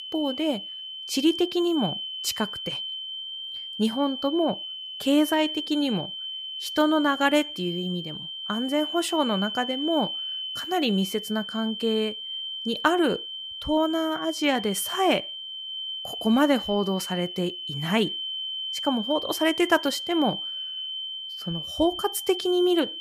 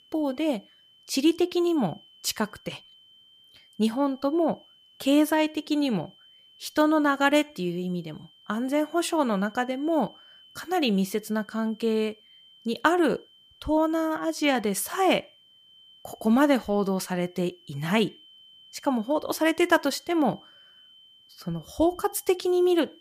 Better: second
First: high-pitched whine; loud; throughout; 3 kHz, 6 dB below the speech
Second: high-pitched whine; faint; throughout; 3 kHz, 25 dB below the speech

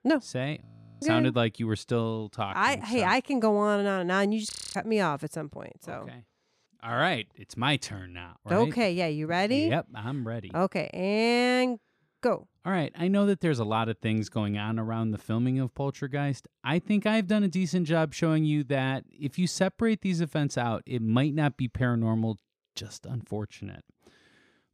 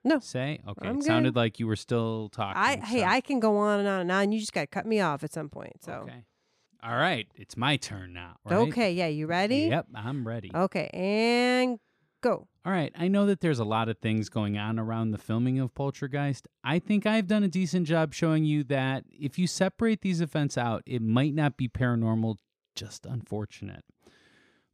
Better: second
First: audio freezing; at 0.5 s and at 4.5 s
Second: none

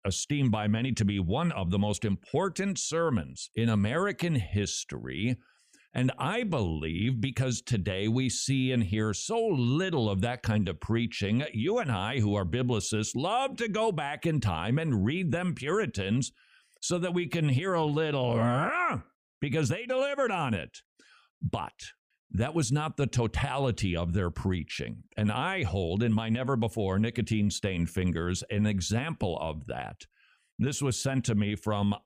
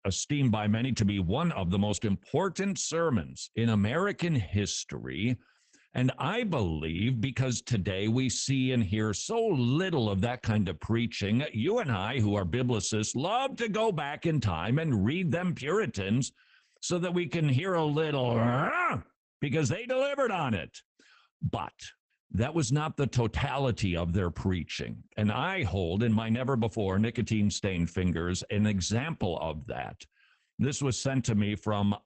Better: first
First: none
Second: garbled, watery; badly; nothing above 8 kHz

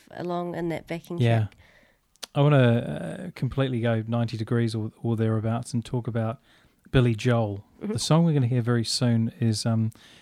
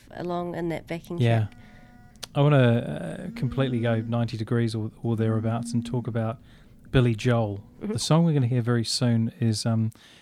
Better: first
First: none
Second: phone ringing; faint; until 8 s; peak 10 dB below the speech

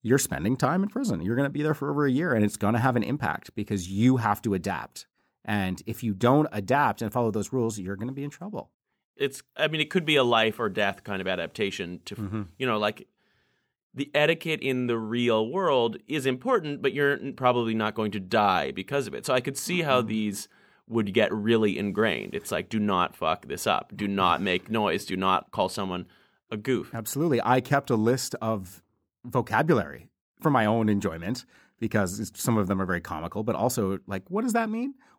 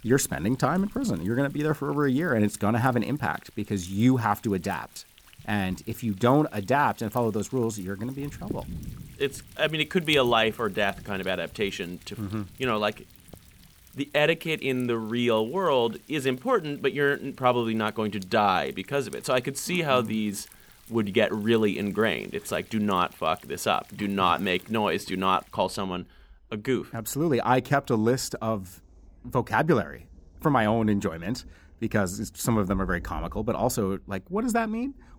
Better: first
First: none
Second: rain or running water; faint; throughout; 20 dB below the speech

